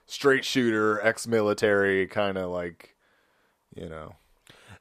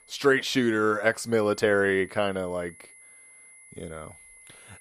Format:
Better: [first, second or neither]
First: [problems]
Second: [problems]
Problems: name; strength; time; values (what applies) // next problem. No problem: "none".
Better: first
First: none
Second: high-pitched whine; faint; throughout; 2 kHz, 25 dB below the speech